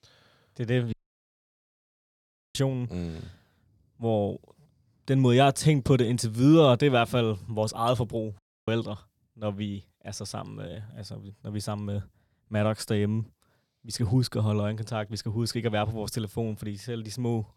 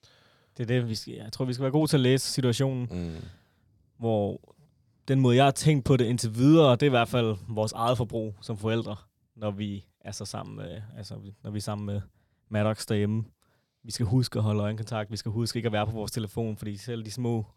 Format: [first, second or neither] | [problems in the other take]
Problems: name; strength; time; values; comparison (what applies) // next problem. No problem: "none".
second | audio cutting out; at 1 s for 1.5 s and at 8.5 s